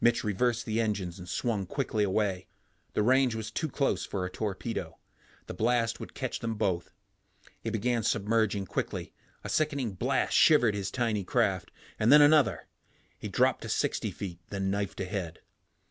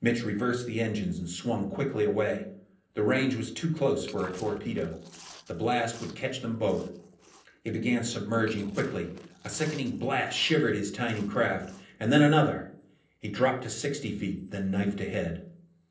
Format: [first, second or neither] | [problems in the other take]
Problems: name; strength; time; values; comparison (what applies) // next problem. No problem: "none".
first | noise reduction (neural separator model SepFormer DNS4)